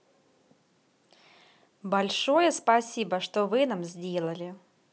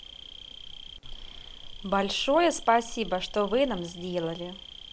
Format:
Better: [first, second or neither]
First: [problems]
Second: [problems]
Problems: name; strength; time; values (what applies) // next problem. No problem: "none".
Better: first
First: none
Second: background sound (Insect); 13 dB below the speech